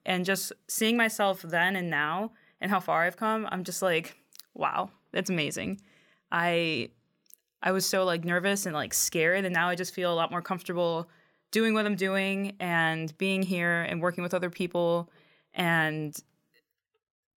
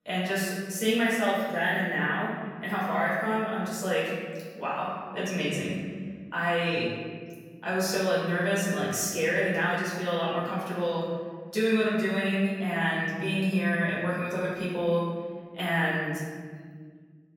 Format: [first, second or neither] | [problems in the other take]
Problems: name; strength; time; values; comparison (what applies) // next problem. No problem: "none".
first | off-mic speech; far // room echo; strong; dies away in 1.8 s